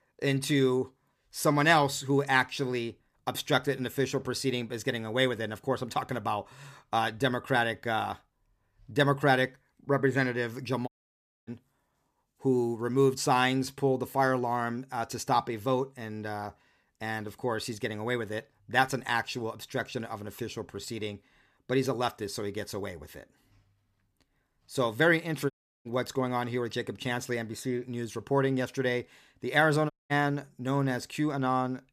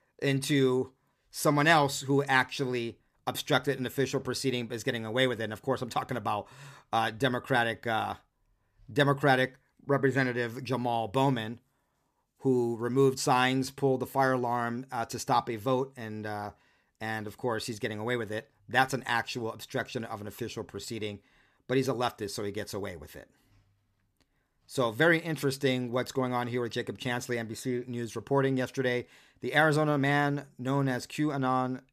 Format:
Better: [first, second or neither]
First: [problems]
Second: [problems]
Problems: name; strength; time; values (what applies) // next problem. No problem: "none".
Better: second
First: audio cutting out; at 11 s for 0.5 s, at 26 s and at 30 s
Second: none